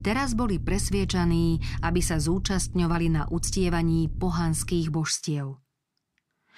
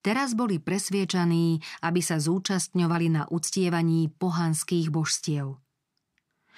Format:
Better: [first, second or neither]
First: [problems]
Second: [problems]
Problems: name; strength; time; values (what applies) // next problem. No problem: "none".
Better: second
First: low rumble; noticeable; until 5 s; 20 dB below the speech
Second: none